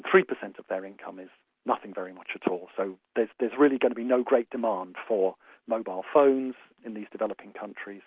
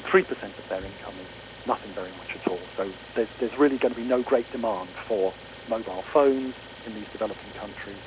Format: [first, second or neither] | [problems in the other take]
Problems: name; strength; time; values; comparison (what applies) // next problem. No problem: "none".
first | background sound (Idling); 15 dB below the speech